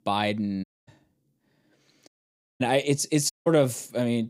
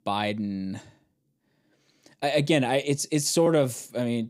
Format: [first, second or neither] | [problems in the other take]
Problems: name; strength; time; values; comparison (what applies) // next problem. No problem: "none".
second | audio cutting out; at 0.5 s, at 2 s for 0.5 s and at 3.5 s